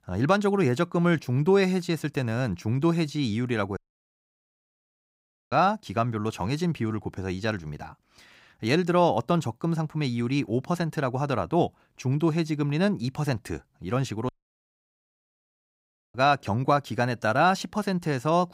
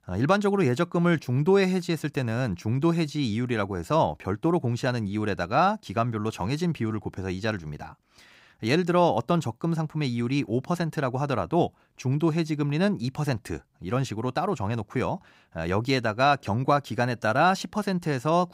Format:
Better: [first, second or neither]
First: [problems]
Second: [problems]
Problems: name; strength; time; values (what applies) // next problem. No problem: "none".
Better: second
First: audio cutting out; at 4 s for 1.5 s and at 14 s for 2 s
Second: none